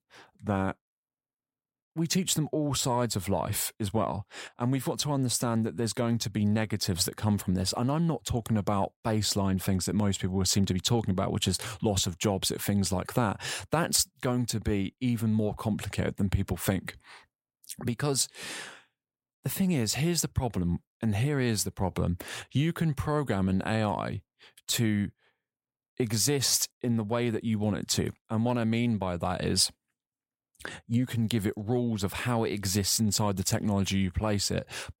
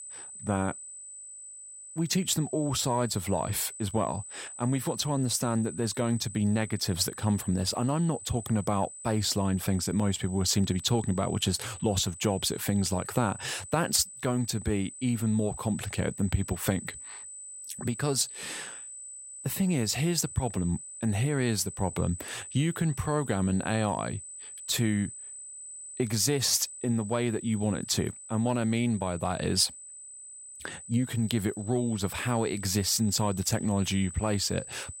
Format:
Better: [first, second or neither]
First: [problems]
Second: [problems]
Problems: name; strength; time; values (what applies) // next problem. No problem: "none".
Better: first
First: none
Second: high-pitched whine; noticeable; throughout; 8 kHz, 10 dB below the speech